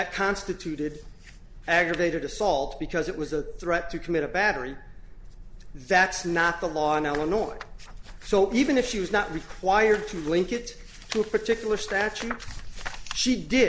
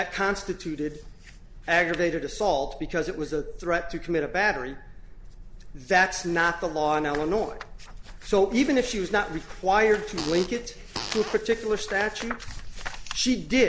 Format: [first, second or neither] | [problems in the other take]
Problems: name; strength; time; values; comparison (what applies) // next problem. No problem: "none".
first | background sound (Fart); 12 dB below the speech